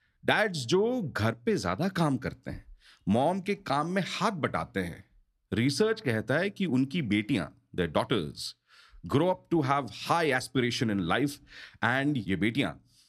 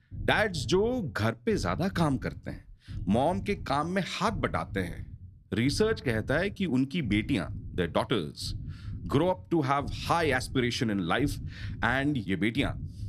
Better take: first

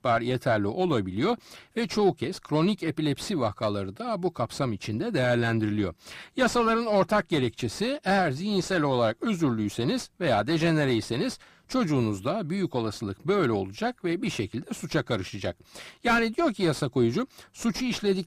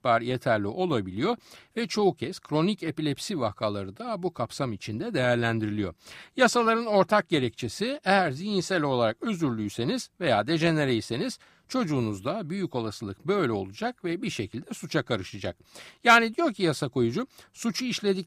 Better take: second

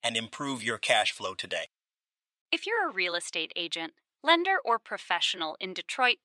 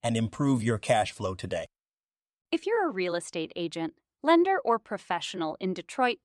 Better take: second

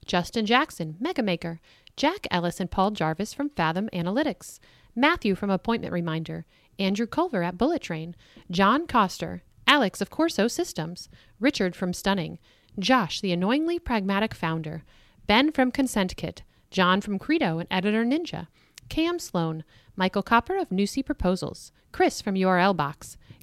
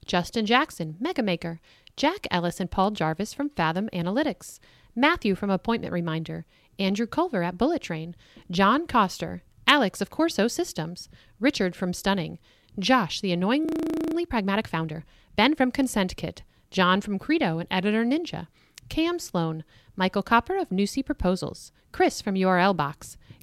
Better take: first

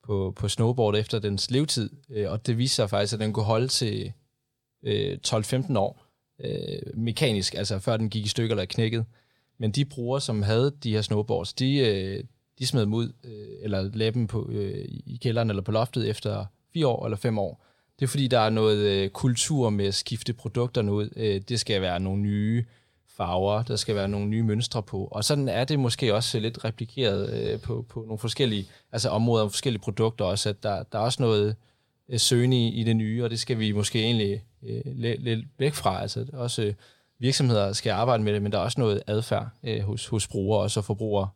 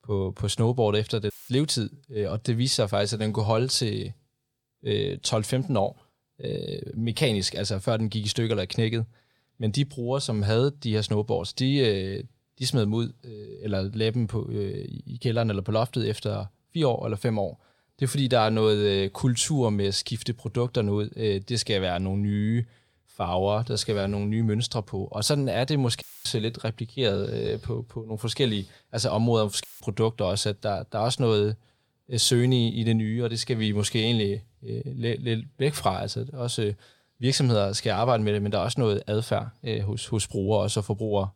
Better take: first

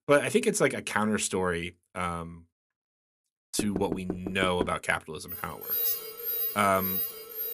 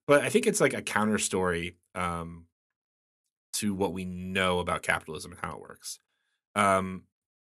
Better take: second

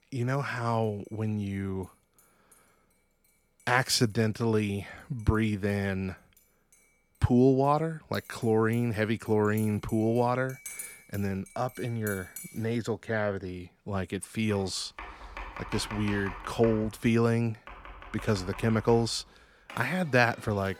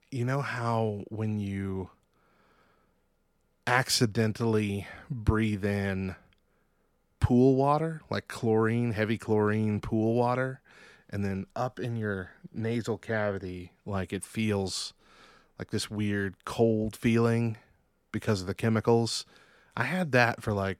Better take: second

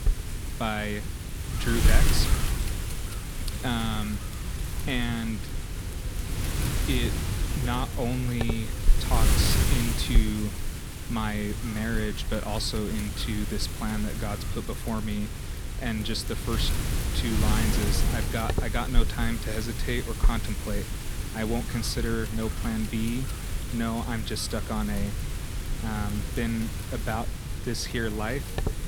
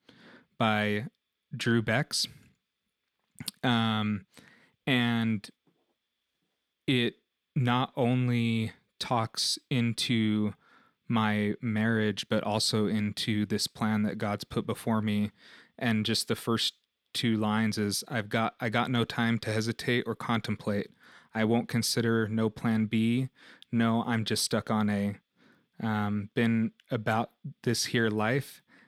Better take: second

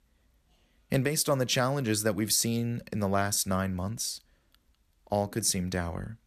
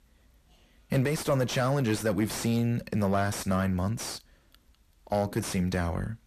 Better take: first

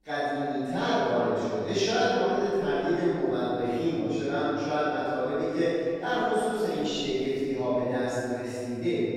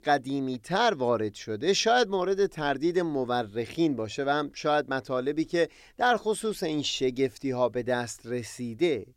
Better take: second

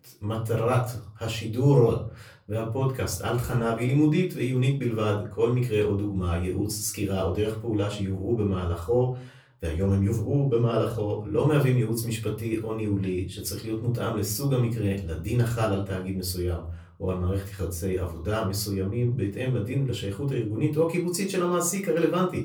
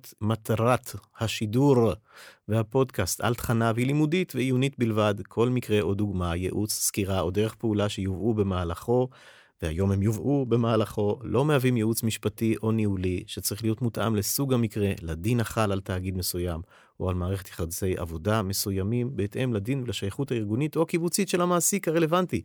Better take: second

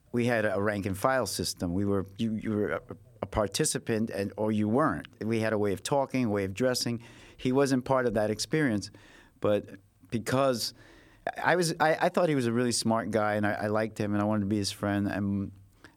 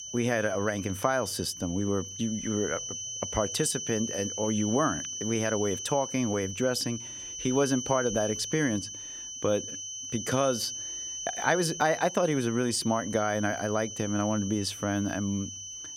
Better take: first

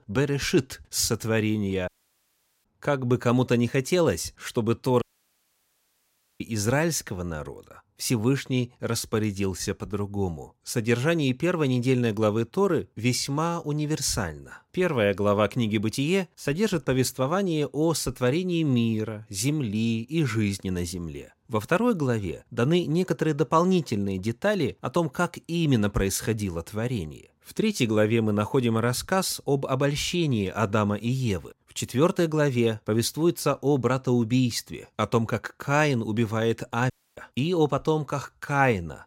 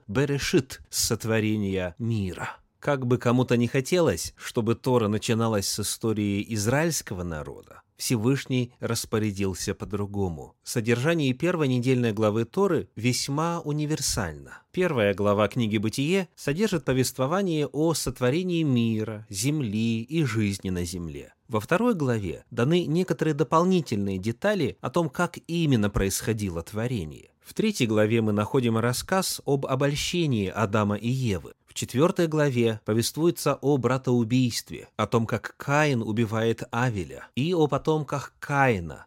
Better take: second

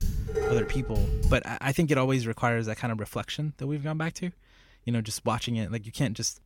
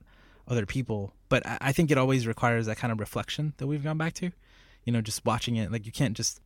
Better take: second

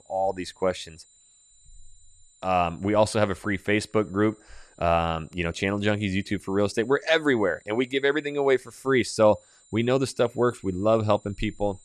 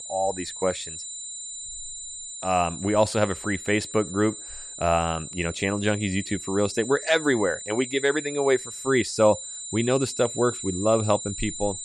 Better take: first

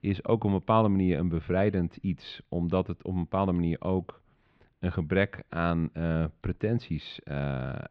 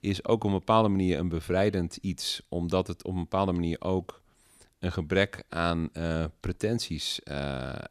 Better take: second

